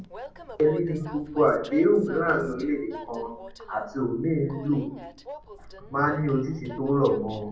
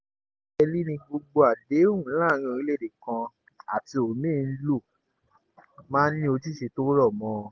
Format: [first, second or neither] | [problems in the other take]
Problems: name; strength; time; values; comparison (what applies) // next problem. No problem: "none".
second | background sound (Train); 16 dB below the speech // room echo; dies away in 0.6 s